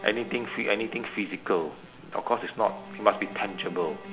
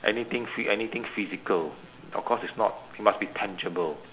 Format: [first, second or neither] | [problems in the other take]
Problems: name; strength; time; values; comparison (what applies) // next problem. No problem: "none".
second | background sound (Bowed string instrument); 16 dB below the speech